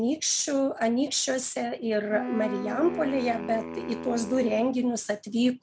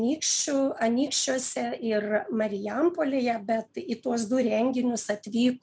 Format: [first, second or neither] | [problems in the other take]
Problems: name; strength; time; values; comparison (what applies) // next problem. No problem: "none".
second | background sound (Wind instrument, woodwind instrument); 10 dB below the speech